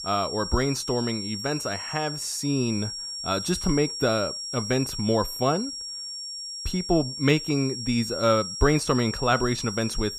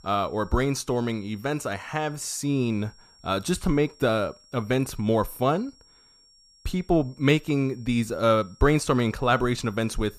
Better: second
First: high-pitched whine; loud; throughout; 5.5 kHz, 6 dB below the speech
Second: high-pitched whine; faint; throughout; 5.5 kHz, 30 dB below the speech

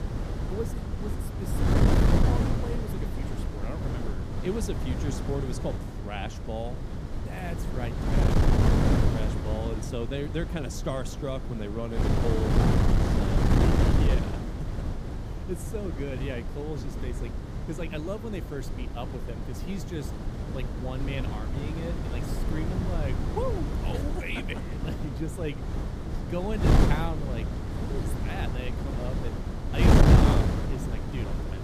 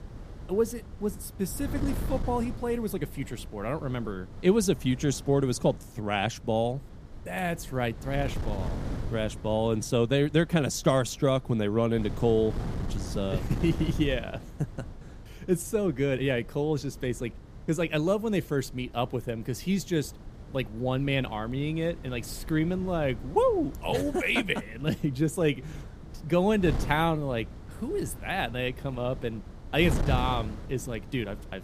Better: second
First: wind noise on the microphone; heavy; 3 dB above the speech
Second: wind noise on the microphone; occasional gusts; 15 dB below the speech

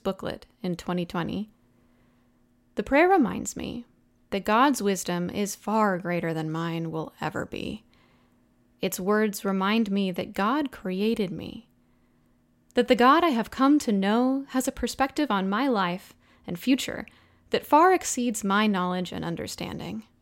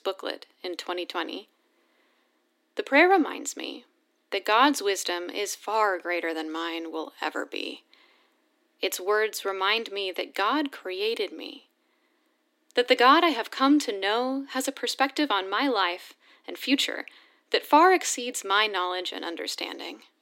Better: first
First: none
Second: thin; very slightly; fading below 300 Hz

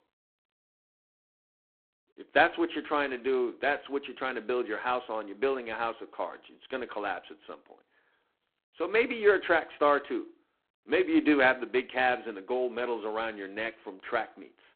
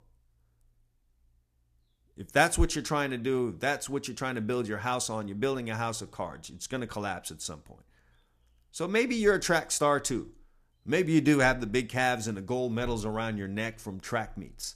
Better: second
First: phone-call audio; poor line; nothing above 4 kHz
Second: none

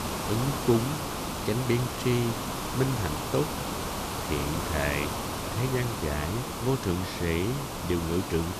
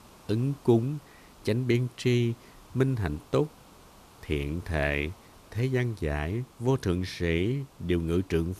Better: second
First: hiss; loud; throughout; 2 dB below the speech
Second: hiss; faint; throughout; 25 dB below the speech

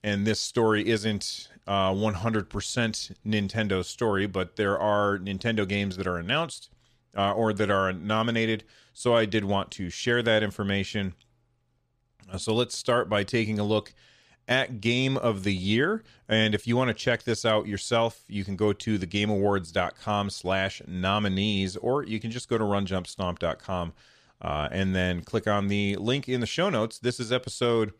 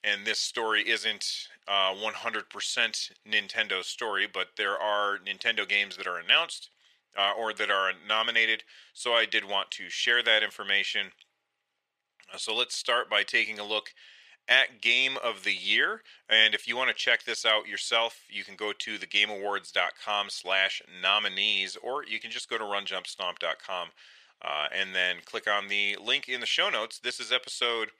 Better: first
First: none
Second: thin; very; fading below 650 Hz

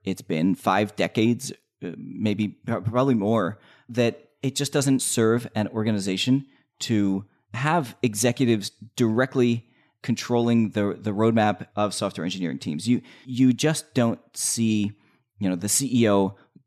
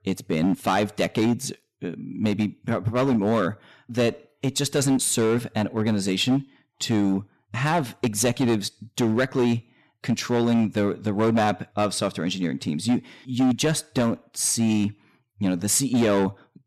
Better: first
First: none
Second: distortion; slight; 8% of the sound clipped

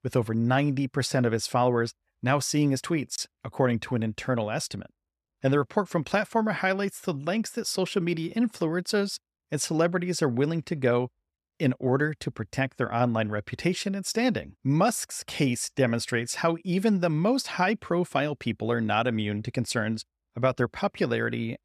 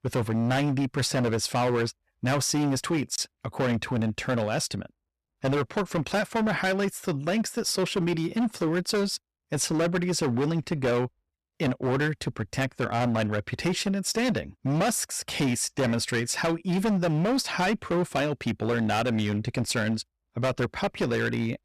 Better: first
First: none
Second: distortion; heavy; 16% of the sound clipped

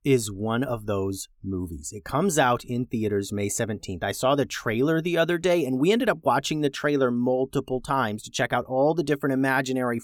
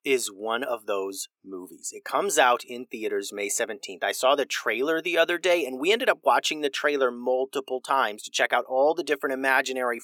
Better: first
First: none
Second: thin; somewhat; fading below 400 Hz

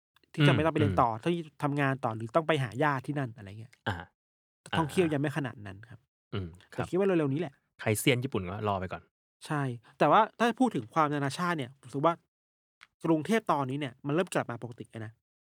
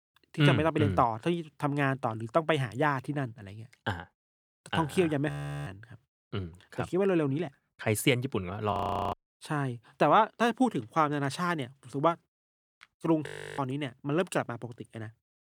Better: first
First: none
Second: audio freezing; at 5.5 s, at 8.5 s and at 13 s

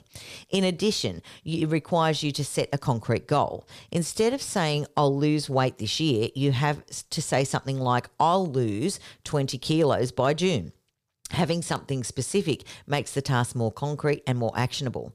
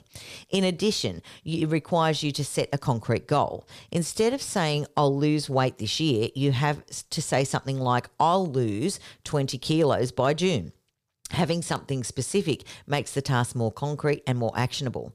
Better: neither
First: none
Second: none

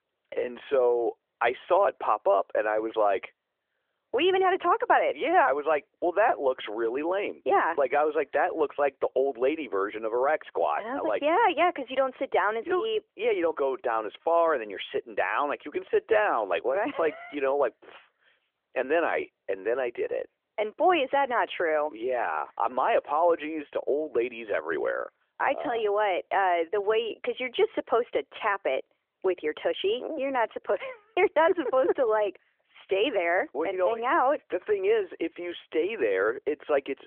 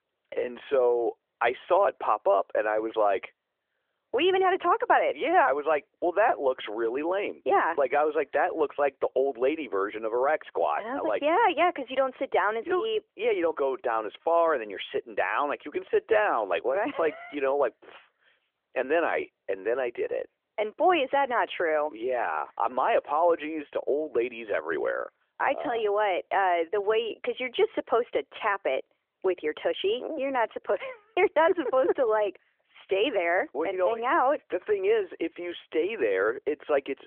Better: neither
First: phone-call audio; nothing above 3.5 kHz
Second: phone-call audio; nothing above 3.5 kHz

